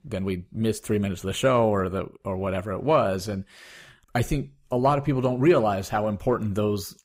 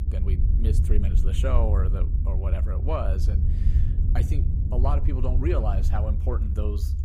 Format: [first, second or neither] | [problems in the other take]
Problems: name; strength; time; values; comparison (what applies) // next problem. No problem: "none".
first | low rumble; loud; throughout; 7 dB below the speech